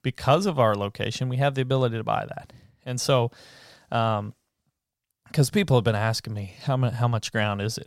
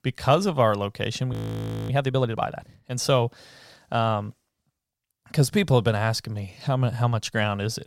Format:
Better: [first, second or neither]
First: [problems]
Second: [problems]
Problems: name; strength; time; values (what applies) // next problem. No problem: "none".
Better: first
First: none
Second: audio freezing; at 1.5 s for 0.5 s